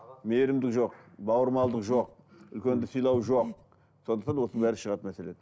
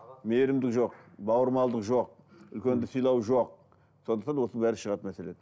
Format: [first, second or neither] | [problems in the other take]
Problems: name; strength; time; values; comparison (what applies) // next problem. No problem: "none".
second | background sound (Breathing); 10 dB below the speech